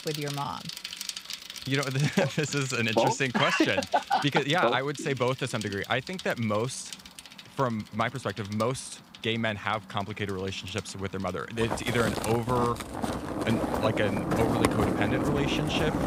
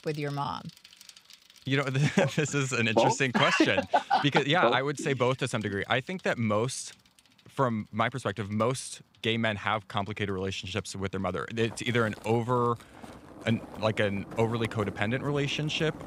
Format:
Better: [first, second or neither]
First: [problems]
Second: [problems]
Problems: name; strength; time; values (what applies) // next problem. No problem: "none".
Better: second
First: traffic noise; loud; throughout; 5 dB below the speech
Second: traffic noise; faint; throughout; 20 dB below the speech